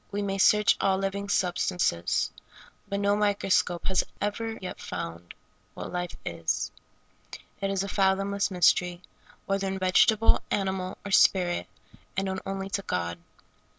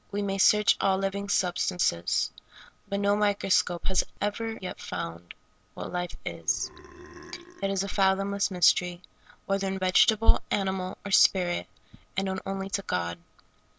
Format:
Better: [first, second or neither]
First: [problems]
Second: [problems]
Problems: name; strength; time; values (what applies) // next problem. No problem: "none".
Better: first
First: none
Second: background sound (Burping, eructation); 19 dB below the speech